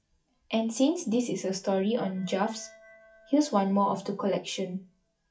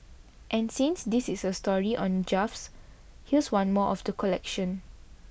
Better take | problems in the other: second | noise reduction (classical method WPE with log-MMSE)

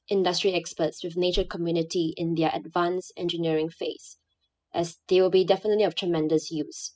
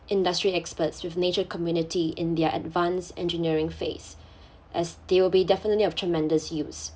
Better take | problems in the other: second | noise reduction (classical method spectral subtraction)

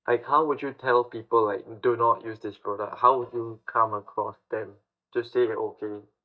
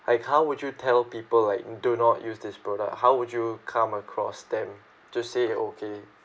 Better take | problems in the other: second | noise reduction (neural mask model DeepFilterNet 3)

